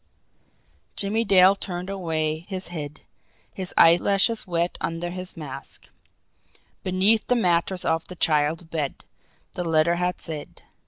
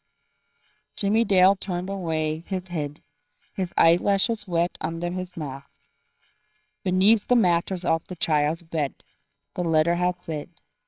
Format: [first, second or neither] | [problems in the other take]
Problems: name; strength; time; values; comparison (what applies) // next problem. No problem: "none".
first | noise reduction (neural separator model SepFormer WHAMR!)